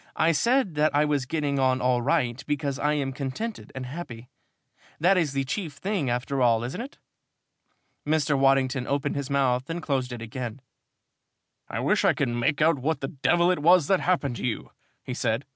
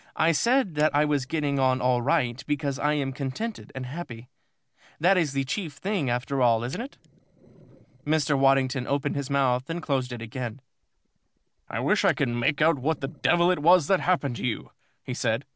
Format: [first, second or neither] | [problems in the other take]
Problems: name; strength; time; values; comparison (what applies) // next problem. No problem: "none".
first | noise reduction (neural separator model SepFormer DNS4)